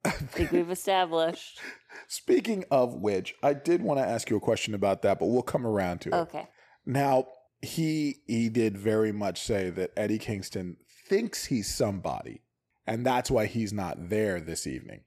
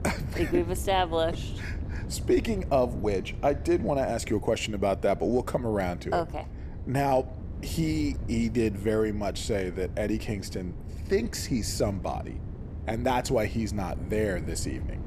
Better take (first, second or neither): first